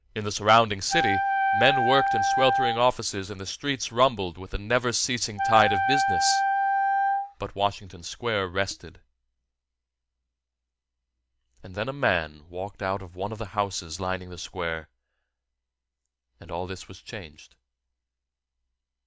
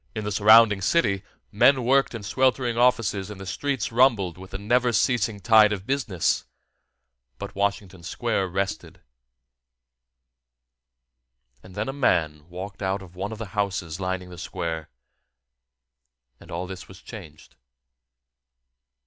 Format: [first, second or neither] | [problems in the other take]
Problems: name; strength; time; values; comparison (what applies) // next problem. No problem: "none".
second | background sound (Wind instrument, woodwind instrument); 2 dB above the speech